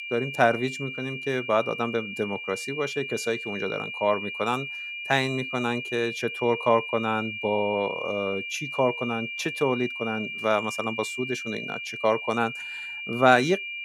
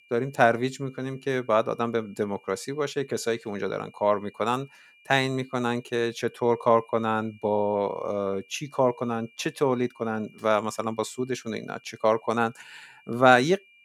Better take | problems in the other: second | high-pitched whine; loud; throughout; 2.5 kHz, 6 dB below the speech; faint in the second

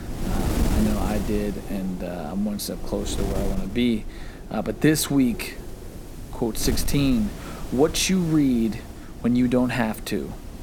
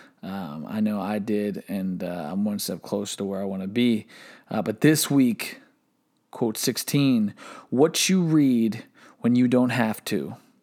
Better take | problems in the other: second | wind noise on the microphone; occasional gusts; 10 dB below the speech

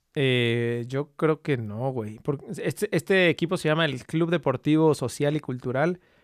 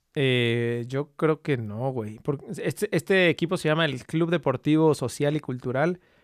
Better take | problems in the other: neither | none

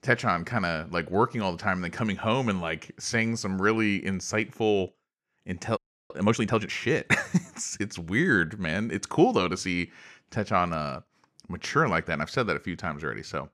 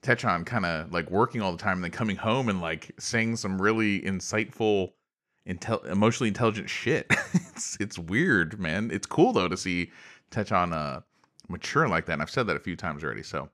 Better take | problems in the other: second | audio freezing; at 6 s

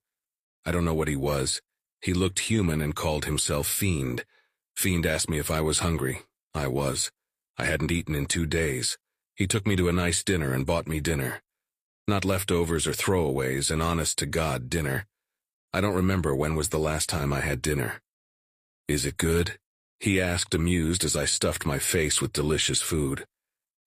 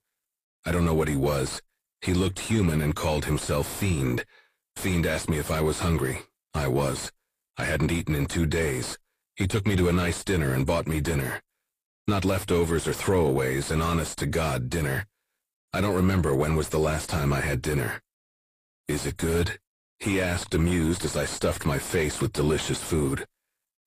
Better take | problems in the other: first | distortion; heavy; 7 dB below the speech

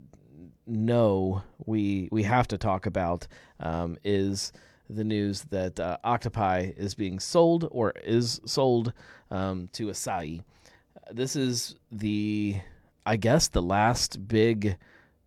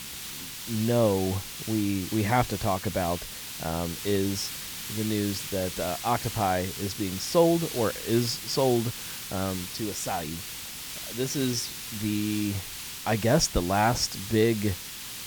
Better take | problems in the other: first | hiss; loud; throughout; 7 dB below the speech

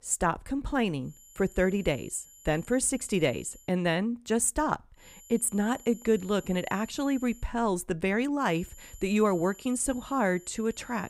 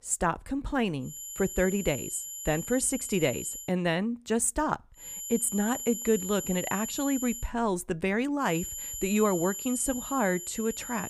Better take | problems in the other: first | high-pitched whine; loud; from 1 to 3.5 s, from 5 to 7.5 s and from 8.5 s on; 7 kHz, 7 dB below the speech; faint in the first

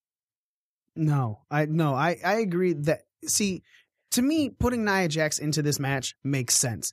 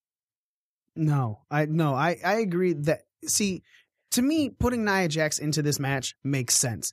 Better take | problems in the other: neither | none

